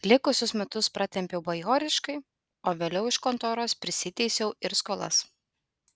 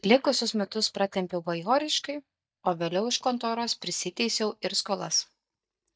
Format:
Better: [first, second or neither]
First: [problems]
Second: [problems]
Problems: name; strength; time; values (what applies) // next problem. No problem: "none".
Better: first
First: none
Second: noise reduction (neural mask model DeepFilterNet 3)